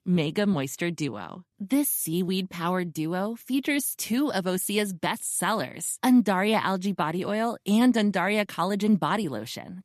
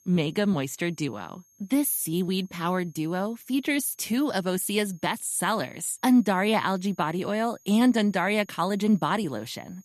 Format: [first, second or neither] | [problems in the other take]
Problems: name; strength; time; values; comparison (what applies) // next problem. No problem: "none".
first | high-pitched whine; faint; throughout; 6.5 kHz, 30 dB below the speech